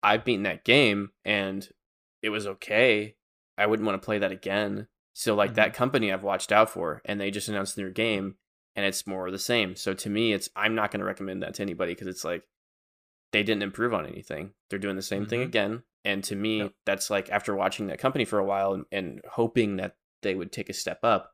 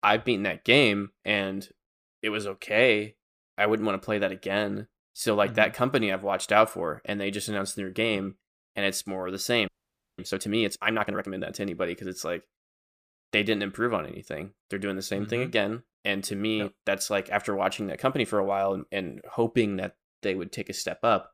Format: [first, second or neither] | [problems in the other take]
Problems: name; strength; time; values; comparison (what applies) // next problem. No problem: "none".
first | audio freezing; at 9.5 s for 0.5 s